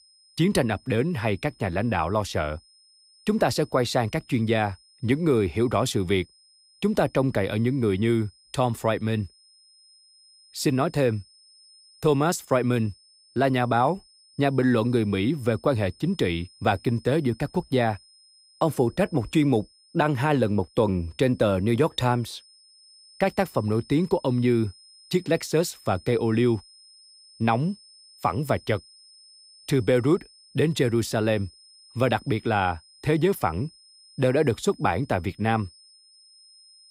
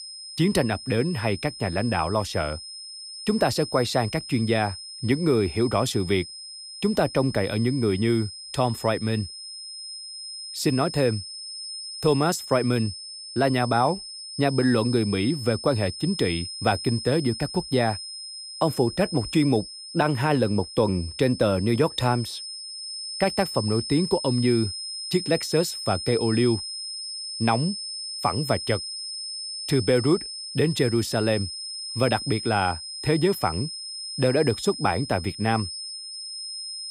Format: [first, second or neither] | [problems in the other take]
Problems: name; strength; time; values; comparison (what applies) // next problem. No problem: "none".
first | high-pitched whine; loud; throughout; 5 kHz, 9 dB below the speech; faint in the first